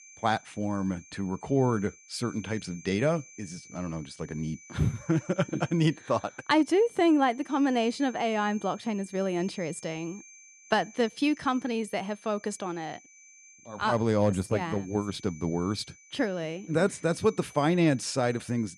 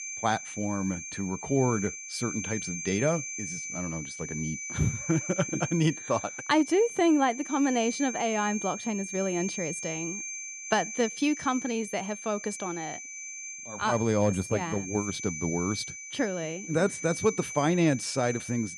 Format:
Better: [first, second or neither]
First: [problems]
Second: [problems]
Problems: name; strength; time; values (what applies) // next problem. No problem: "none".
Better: first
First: high-pitched whine; faint; throughout; 6.5 kHz, 20 dB below the speech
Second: high-pitched whine; loud; throughout; 6.5 kHz, 7 dB below the speech